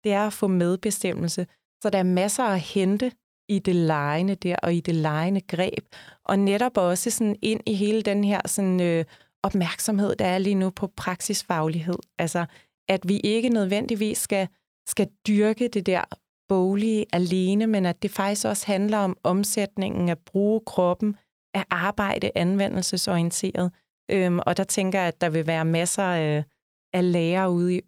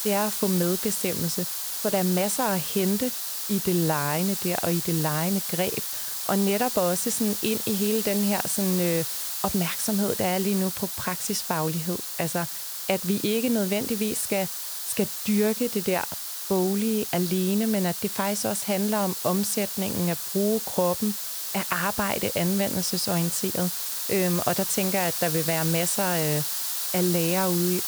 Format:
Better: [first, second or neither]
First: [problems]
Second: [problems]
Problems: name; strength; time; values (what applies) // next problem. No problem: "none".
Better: first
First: none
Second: hiss; loud; throughout; 1 dB below the speech